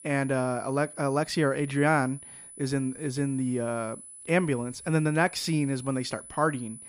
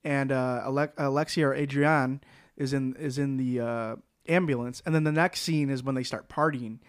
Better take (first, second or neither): second